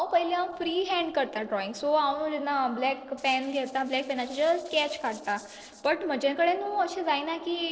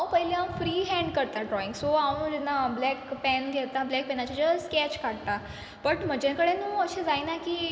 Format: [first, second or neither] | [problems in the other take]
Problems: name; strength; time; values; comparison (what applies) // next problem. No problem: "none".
second | noise reduction (neural separator model SepFormer DNS4)